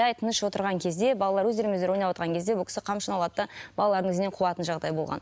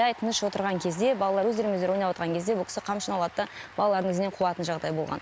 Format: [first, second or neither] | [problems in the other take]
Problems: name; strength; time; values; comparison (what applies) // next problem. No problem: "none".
first | background sound (Applause / Cheering); 19 dB below the speech